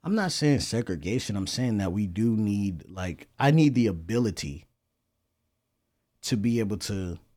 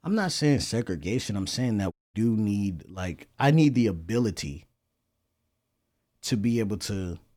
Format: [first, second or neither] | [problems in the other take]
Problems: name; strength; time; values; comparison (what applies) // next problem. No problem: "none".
first | audio cutting out; at 2 s